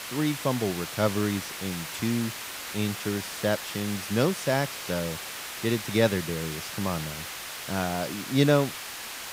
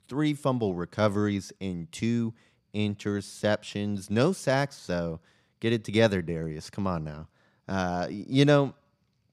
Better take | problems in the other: second | hiss; loud; throughout; 6 dB below the speech

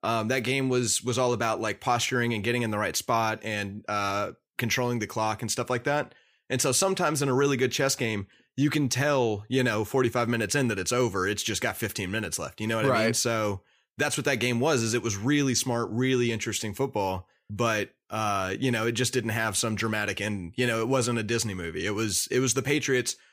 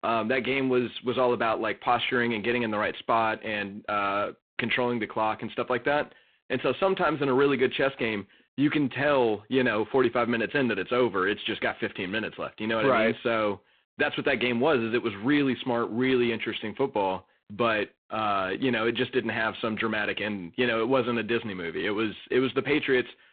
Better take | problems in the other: first | phone-call audio; poor line; nothing above 3.5 kHz

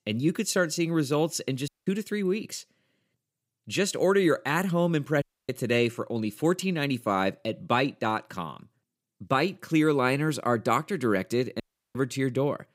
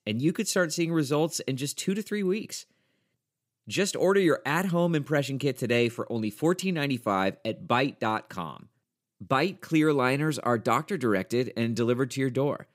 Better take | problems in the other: second | audio cutting out; at 1.5 s, at 5 s and at 12 s

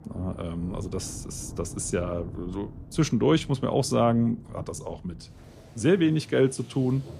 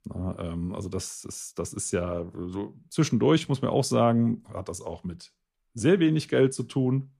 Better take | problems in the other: second | rain or running water; noticeable; throughout; 15 dB below the speech

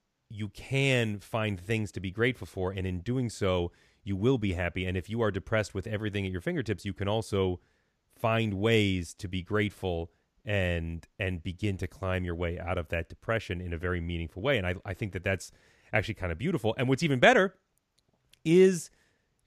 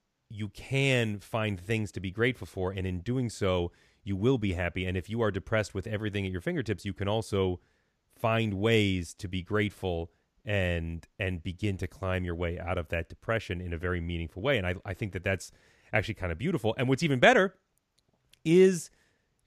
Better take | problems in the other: neither | none

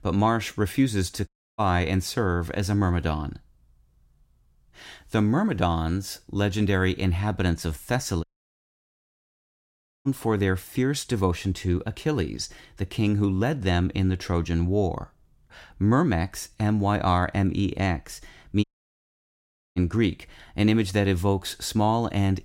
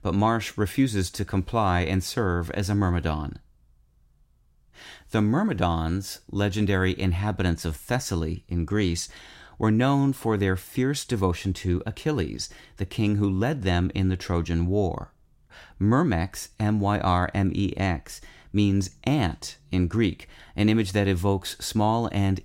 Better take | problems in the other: second | audio cutting out; at 1.5 s, at 8 s for 2 s and at 19 s for 1 s

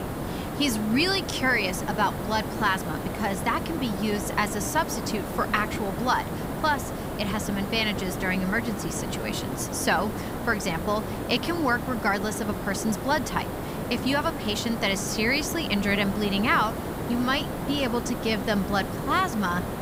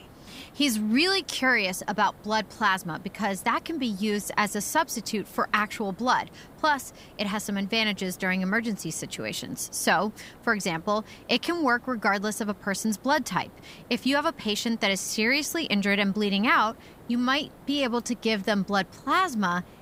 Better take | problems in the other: second | hiss; loud; throughout; 5 dB below the speech; faint in the second

